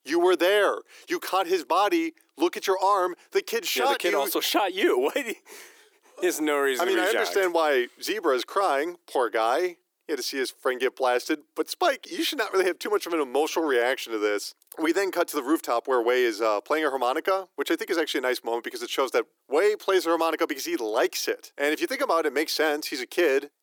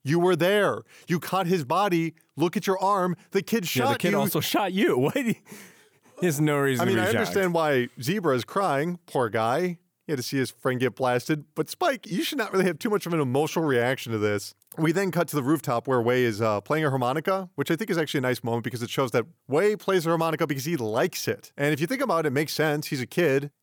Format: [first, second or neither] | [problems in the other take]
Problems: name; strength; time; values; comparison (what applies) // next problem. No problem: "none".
second | thin; somewhat; fading below 300 Hz